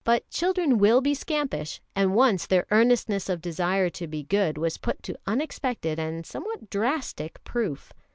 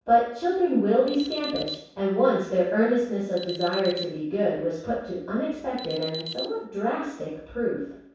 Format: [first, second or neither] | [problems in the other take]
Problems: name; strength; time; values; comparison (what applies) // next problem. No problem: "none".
first | background sound (Alarm); 15 dB below the speech // room echo; dies away in 0.7 s